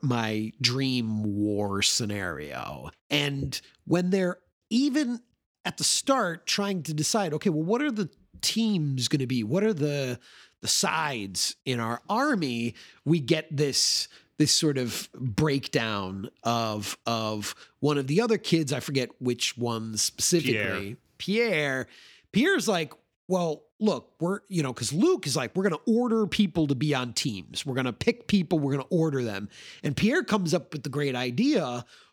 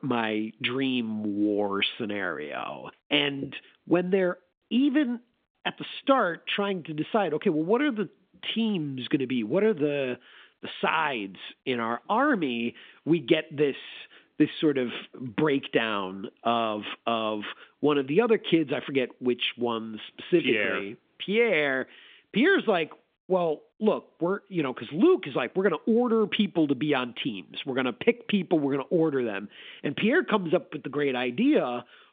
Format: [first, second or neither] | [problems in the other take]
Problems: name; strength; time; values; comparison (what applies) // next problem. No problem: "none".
first | phone-call audio; nothing above 3 kHz